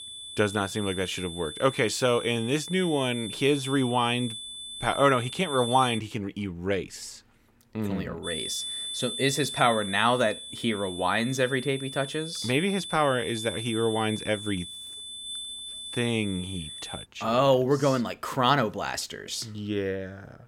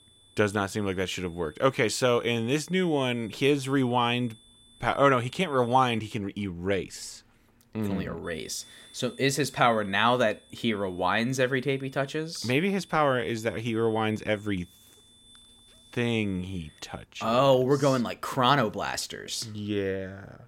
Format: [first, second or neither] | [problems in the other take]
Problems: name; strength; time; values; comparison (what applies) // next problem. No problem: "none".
second | high-pitched whine; loud; until 6 s and from 8.5 to 17 s; 3.5 kHz, 8 dB below the speech; faint in the second